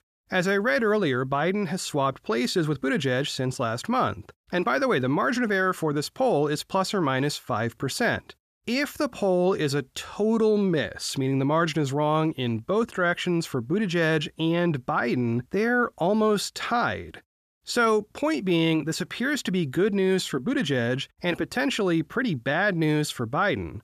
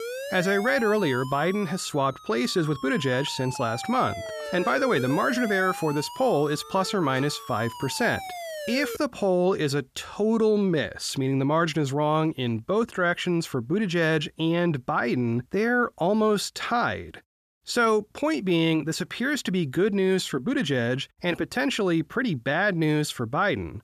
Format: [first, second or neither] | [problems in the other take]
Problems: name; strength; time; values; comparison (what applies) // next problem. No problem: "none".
first | siren; noticeable; until 9 s; peak 8 dB below the speech